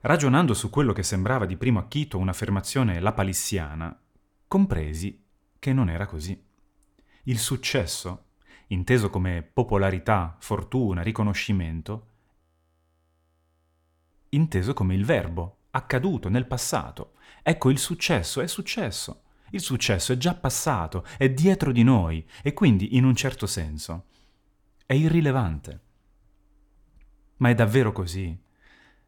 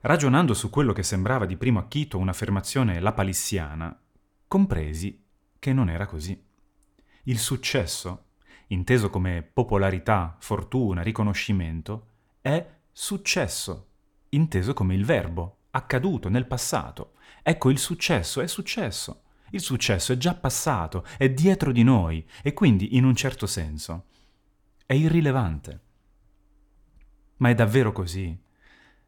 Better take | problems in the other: second | audio freezing; at 12 s for 1.5 s

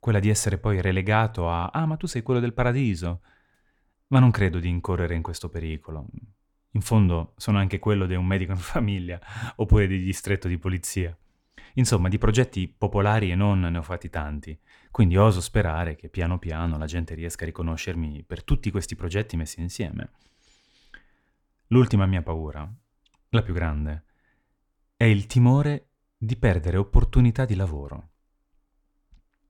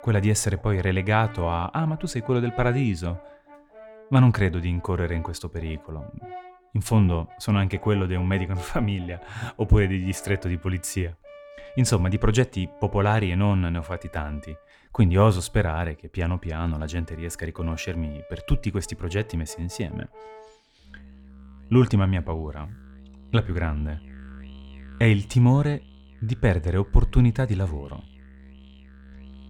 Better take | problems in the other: first | background music; faint; throughout; 20 dB below the speech

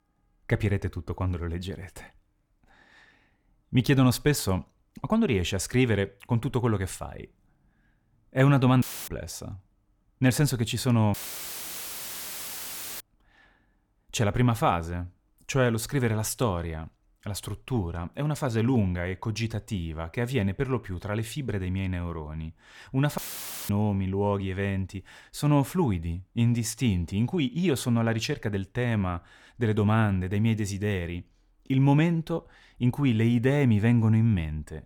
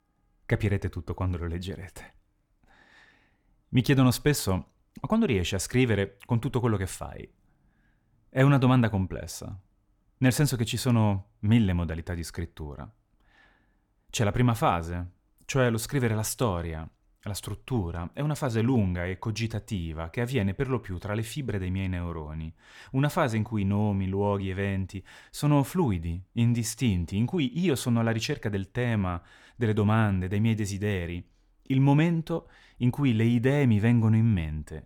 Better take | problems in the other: second | audio cutting out; filled with static; at 9 s, at 11 s for 2 s and at 23 s for 0.5 s

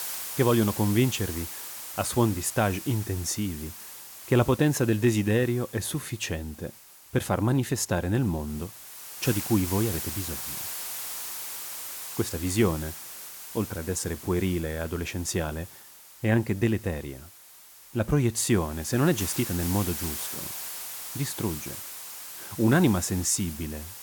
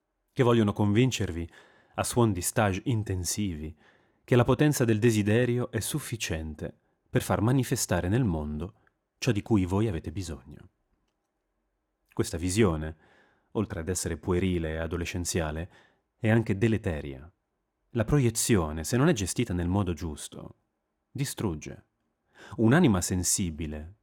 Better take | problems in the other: second | hiss; loud; throughout; 9 dB below the speech

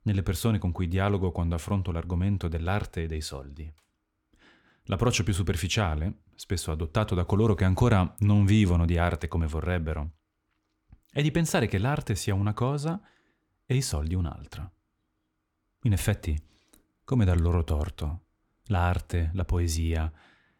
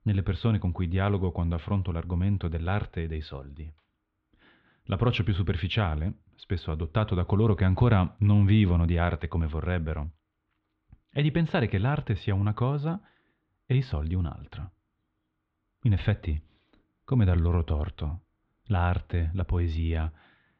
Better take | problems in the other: first | muffled; very; fading above 3.5 kHz

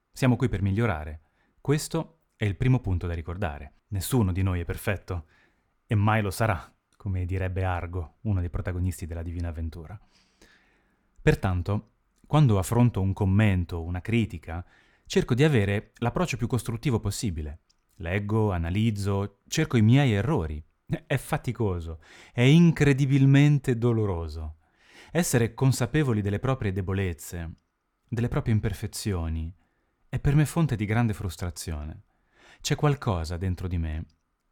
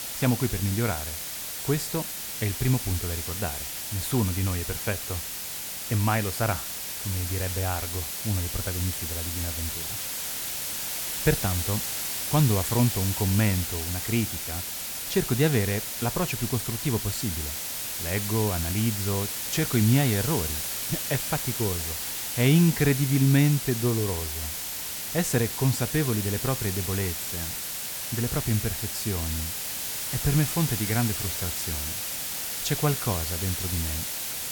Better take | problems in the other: first | hiss; loud; throughout; 2 dB below the speech

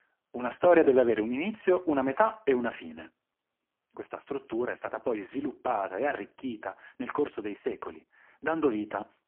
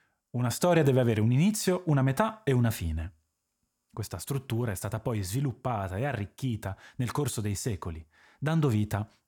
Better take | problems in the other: second | phone-call audio; poor line

